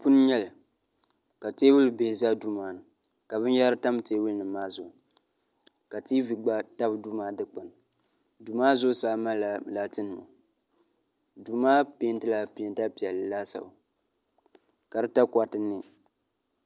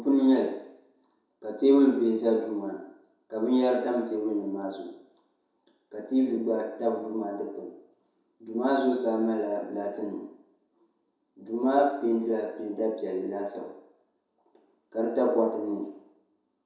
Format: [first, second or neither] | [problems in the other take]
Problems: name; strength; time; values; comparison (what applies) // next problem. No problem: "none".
first | room echo; dies away in 0.7 s